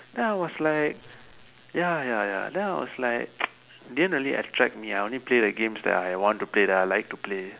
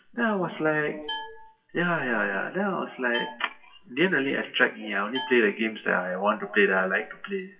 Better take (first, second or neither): first